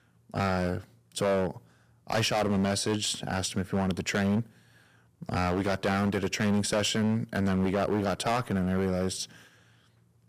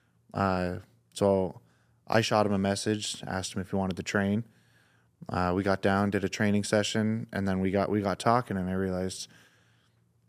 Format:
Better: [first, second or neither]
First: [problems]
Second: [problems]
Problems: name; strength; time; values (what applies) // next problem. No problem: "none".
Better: second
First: distortion; heavy; 10% of the sound clipped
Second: none